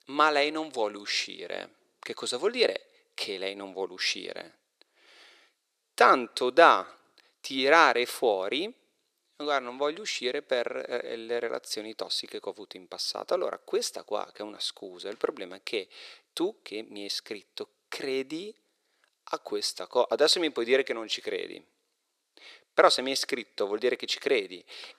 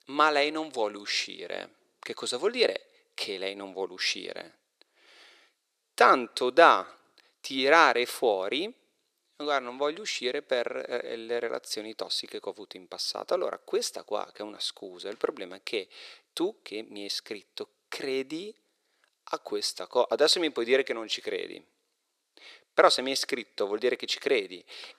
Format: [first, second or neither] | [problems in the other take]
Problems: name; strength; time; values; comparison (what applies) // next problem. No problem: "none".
neither | thin; very; fading below 400 Hz; the same in both